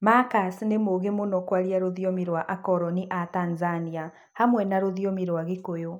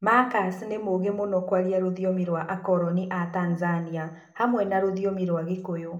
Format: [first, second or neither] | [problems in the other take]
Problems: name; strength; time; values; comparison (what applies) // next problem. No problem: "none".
first | room echo; dies away in 0.5 s